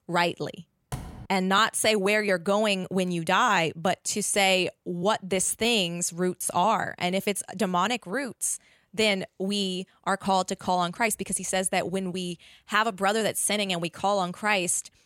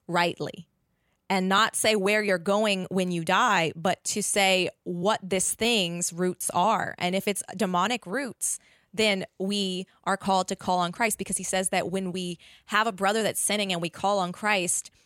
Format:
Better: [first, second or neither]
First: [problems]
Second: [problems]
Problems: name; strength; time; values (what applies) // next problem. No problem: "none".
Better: second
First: door banging; faint; at 1 s; peak 15 dB below the speech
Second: none